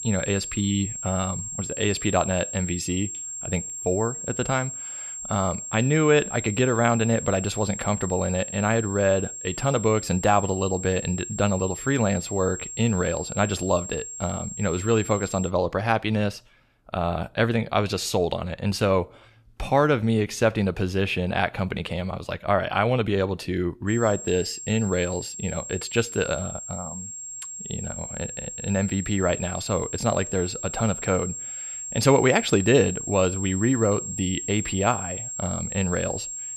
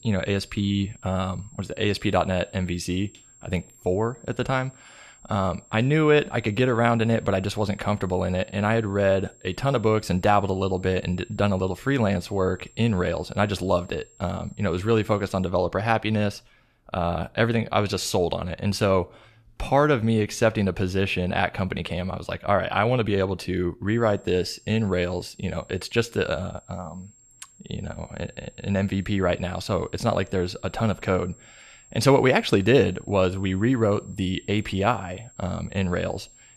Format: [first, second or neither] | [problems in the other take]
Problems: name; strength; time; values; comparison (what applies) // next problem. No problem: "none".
second | high-pitched whine; loud; until 15 s and from 24 s on; 7.5 kHz, 7 dB below the speech; faint in the second